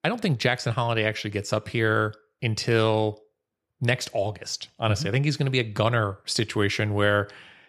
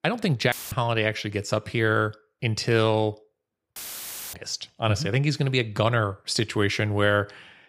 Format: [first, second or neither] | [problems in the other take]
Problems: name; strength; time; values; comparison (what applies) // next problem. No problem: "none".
first | audio cutting out; filled with static; at 0.5 s and at 4 s for 0.5 s